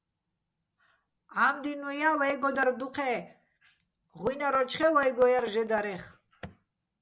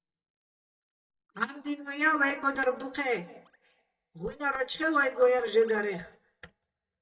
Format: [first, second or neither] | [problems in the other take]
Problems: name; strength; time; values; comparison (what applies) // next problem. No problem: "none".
first | noise reduction (neural mask model DeepFilterNet 3)